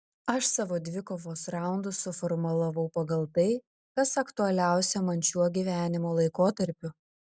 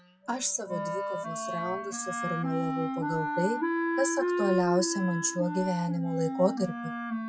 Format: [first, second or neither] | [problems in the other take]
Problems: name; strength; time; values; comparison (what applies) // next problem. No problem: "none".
first | noise reduction (classical method WPE with log-MMSE)